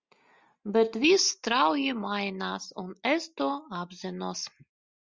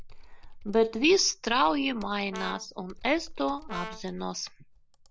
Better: first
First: none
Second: background sound (Computer keyboard + Brass instrument); 14 dB below the speech

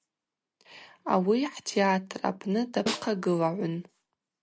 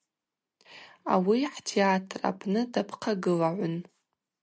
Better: second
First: background sound (Snare drum); 8 dB below the speech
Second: none

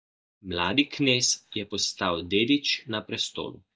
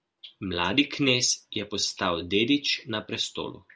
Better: second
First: noise reduction (neural mask model DeepFilterNet 3)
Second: none

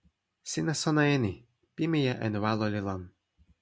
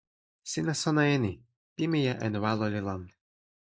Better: first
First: none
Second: noise reduction (neural mask model Resemble Enhance denoiser)

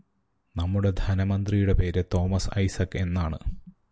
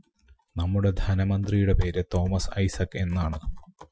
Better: first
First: none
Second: noise reduction (classical method Wiener filter)

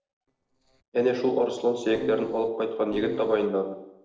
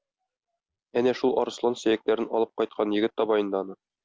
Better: second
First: noise reduction (neural separator model SepFormer DNS4)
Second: none

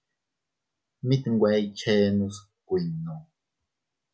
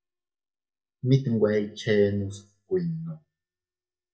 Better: first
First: none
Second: noise reduction (neural mask model DeepFilterNet 3)

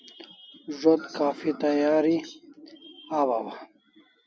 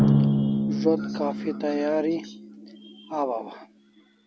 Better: first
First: none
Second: background sound (Drum); 3 dB above the speech

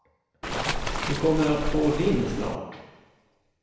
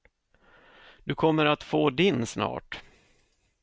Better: second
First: background sound (Waves, surf); 1 dB below the speech // room echo; dies away in 1 s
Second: none

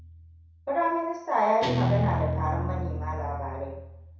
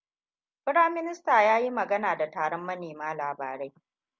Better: second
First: background sound (Guitar); 2 dB below the speech // room echo; dies away in 0.7 s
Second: none

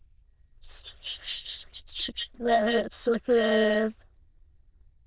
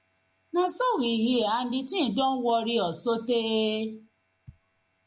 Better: second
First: noise reduction (neural diffusion model UNIVERSE++)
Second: none

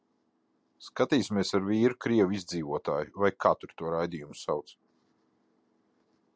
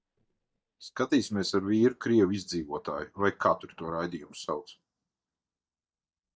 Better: first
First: none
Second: noise reduction (neural mask model DeepFilterNet 3)

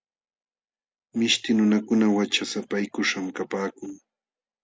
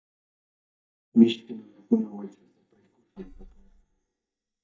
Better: first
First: none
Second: noise reduction (neural mask model DeepFilterNet 3)

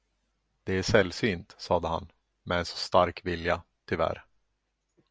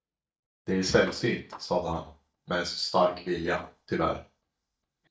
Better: first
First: none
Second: noise reduction (neural mask model DeepFilterNet 3)

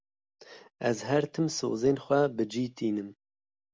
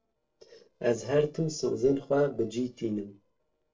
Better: first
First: none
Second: noise reduction (neural separator model SepFormer DNS4)

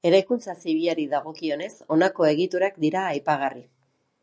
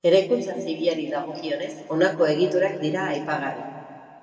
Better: first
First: none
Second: room echo; dies away in 2.2 s

